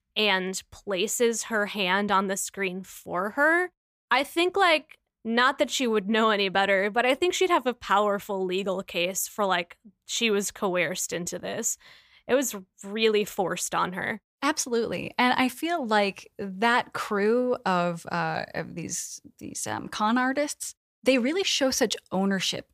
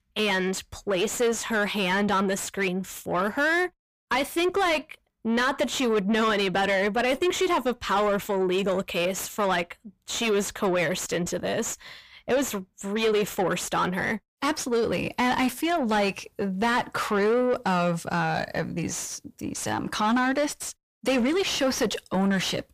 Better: first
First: none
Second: distortion; heavy; 7 dB below the speech

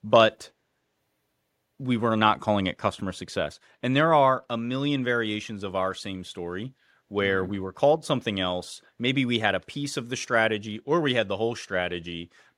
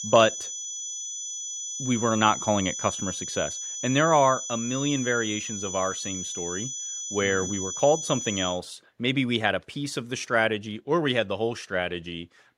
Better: first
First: none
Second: high-pitched whine; loud; until 8.5 s; 6 kHz, 5 dB below the speech

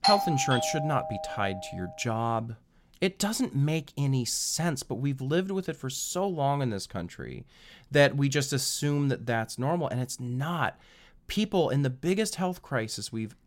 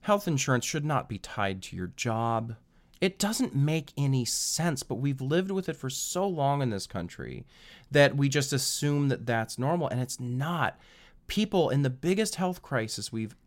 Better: second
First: doorbell; loud; until 1.5 s; peak 4 dB above the speech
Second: none

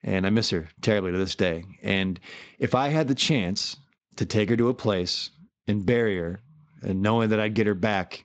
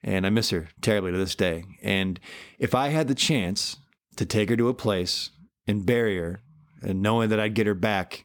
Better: second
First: garbled, watery; slightly; nothing above 7.5 kHz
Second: none

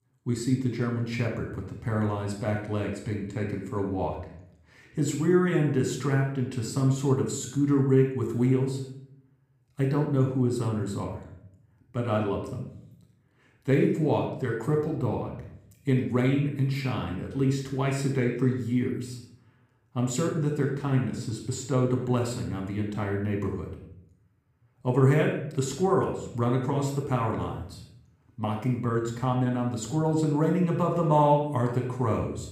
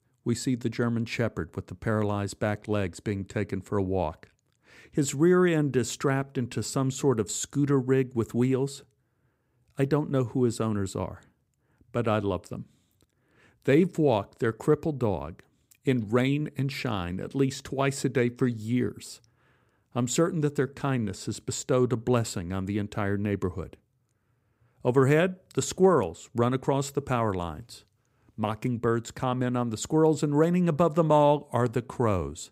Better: second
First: off-mic speech; somewhat distant // room echo; noticeable; dies away in 0.6 s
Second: none

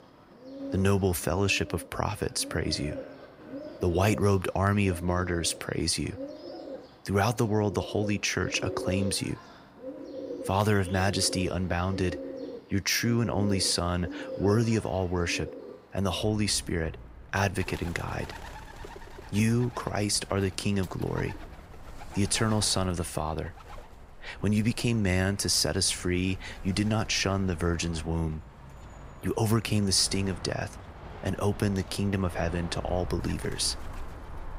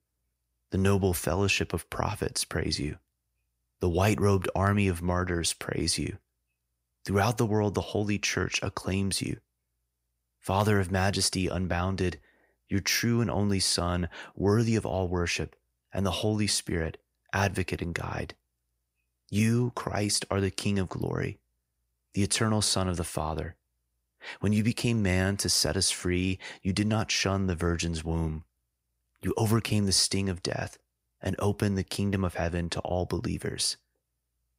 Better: second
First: animal sounds; noticeable; throughout; 15 dB below the speech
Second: none

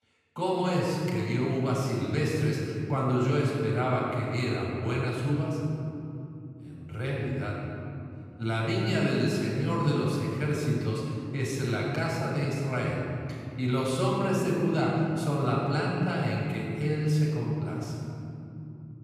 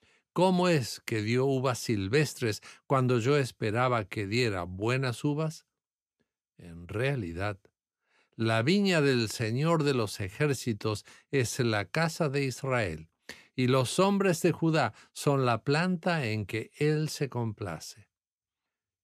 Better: second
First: room echo; strong; dies away in 3 s // off-mic speech; far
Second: none

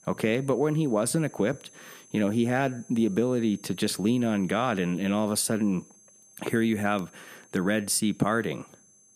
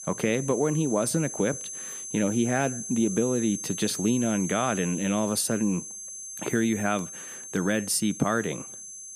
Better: first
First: high-pitched whine; faint; throughout; 6.5 kHz, 25 dB below the speech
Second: high-pitched whine; loud; throughout; 6.5 kHz, 8 dB below the speech

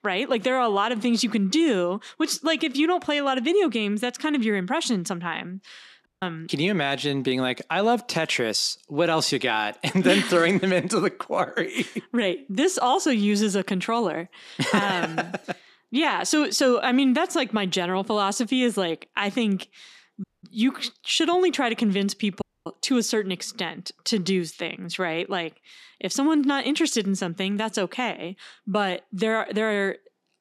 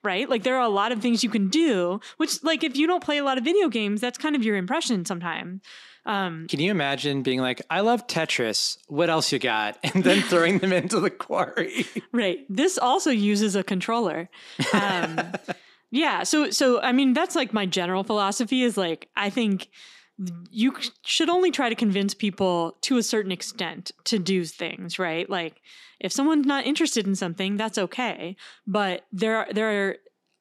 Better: second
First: audio cutting out; at 6 s, at 20 s and at 22 s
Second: none

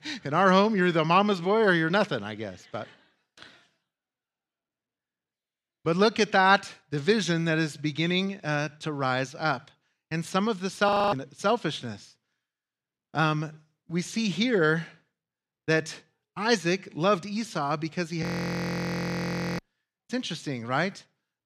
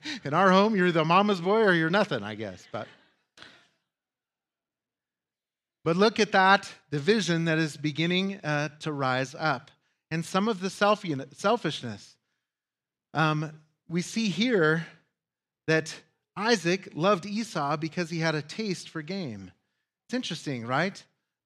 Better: second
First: audio freezing; at 11 s and at 18 s for 1.5 s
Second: none

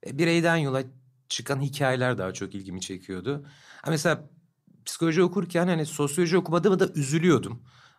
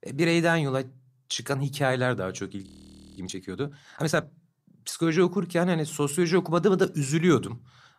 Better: first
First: none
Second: audio freezing; at 2.5 s for 0.5 s

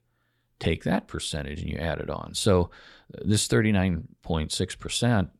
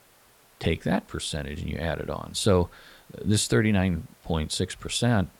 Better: first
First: none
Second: hiss; faint; throughout; 30 dB below the speech

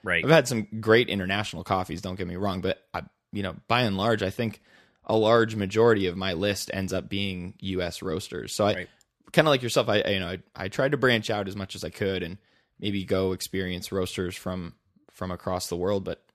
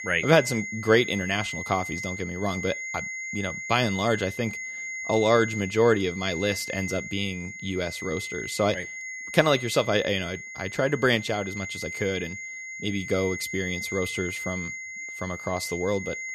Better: first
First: none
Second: high-pitched whine; loud; throughout; 2 kHz, 7 dB below the speech

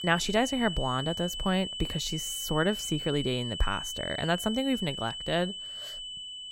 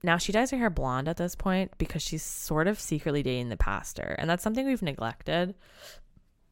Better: second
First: high-pitched whine; loud; throughout; 3 kHz, 5 dB below the speech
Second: none

